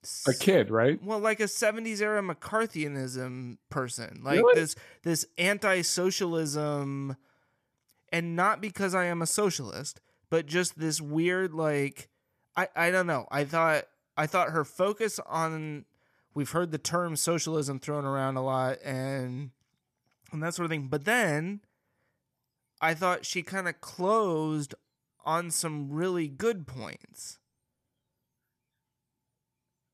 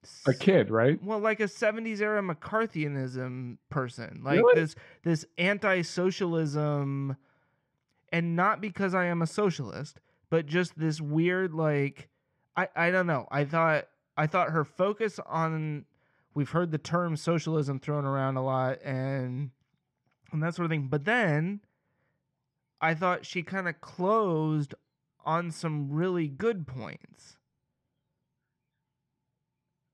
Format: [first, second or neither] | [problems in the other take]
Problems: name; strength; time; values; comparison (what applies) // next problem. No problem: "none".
first | muffled; slightly; fading above 3.5 kHz